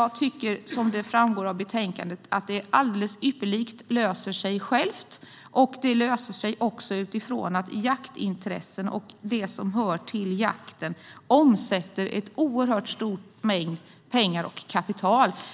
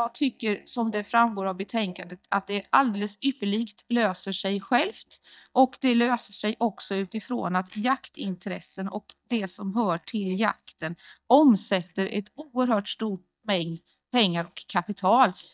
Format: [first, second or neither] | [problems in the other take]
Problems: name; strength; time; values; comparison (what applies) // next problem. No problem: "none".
first | noise reduction (neural mask model DeepFilterNet 3)